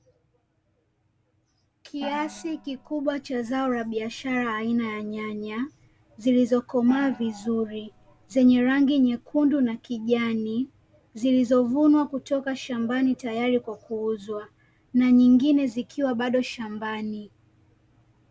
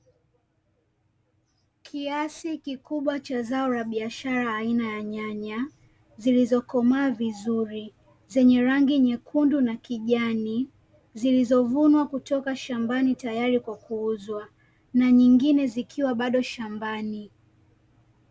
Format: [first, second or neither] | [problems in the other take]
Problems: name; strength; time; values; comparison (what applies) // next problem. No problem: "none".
second | background sound (Gong); 20 dB below the speech